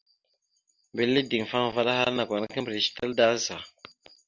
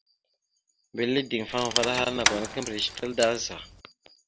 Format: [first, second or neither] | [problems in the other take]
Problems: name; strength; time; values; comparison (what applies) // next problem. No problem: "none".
first | background sound (Rattle / Keys jangling); 2 dB below the speech